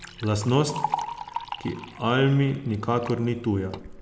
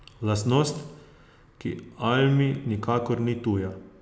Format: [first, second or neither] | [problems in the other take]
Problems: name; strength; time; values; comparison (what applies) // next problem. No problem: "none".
second | background sound (Liquid); 10 dB below the speech